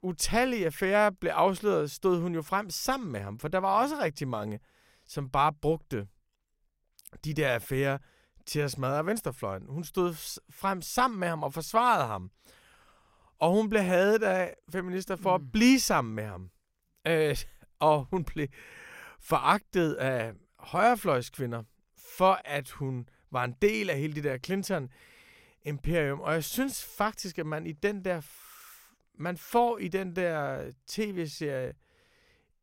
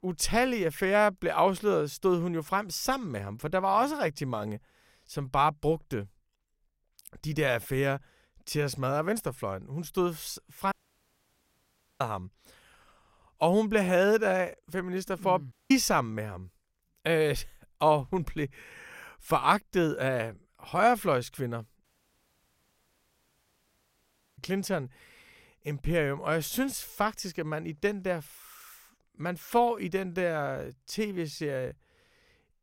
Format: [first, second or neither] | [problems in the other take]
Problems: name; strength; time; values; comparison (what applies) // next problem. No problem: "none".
first | audio cutting out; at 11 s for 1.5 s, at 16 s and at 22 s for 2.5 s